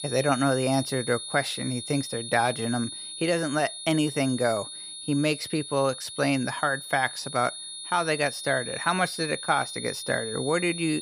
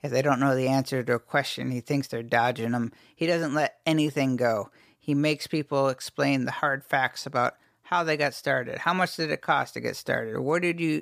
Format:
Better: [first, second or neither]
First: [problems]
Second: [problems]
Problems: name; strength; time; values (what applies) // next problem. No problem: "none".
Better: second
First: high-pitched whine; loud; throughout; 3.5 kHz, 8 dB below the speech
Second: none